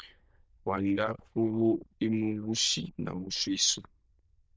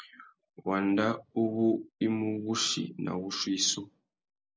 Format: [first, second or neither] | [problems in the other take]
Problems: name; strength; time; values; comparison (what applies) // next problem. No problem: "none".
second | noise reduction (neural diffusion model UNIVERSE++)